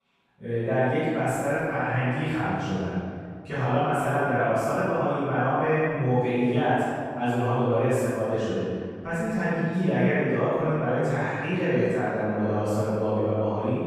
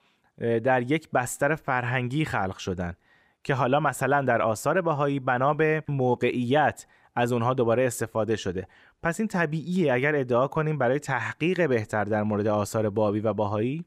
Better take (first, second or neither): second